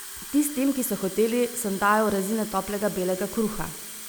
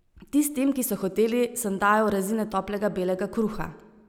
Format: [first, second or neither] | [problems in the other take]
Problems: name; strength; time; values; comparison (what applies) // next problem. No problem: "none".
second | background sound (Fill (with liquid) / Water tap, faucet); 13 dB below the speech